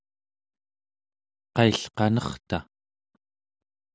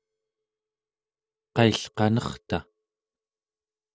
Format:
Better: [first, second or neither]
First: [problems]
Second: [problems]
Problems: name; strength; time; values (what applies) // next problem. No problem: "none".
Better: first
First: none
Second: noise reduction (neural mask model DeepFilterNet 3)